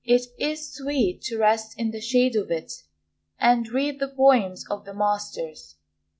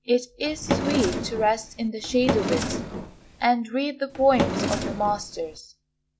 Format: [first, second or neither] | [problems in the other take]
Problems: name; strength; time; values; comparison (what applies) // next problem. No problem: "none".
first | background sound (Drawer open or close); 3 dB below the speech